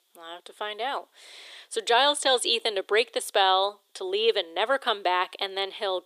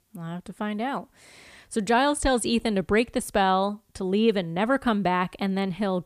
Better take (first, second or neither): second